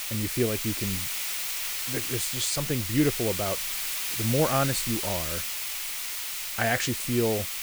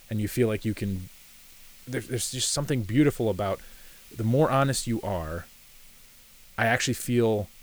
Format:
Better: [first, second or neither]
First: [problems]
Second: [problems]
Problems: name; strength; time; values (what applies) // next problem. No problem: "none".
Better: second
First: hiss; loud; throughout; as loud as the speech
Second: hiss; faint; throughout; 25 dB below the speech